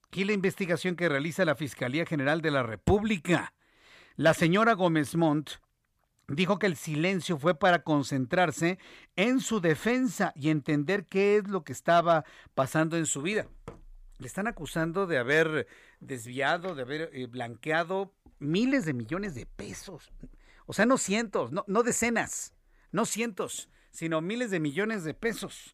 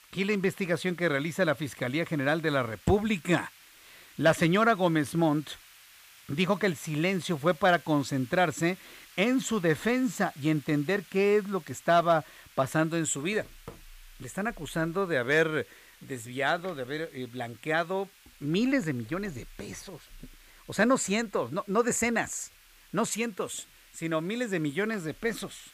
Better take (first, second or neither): first